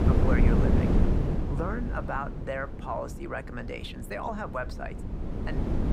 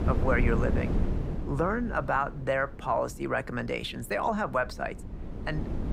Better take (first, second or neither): second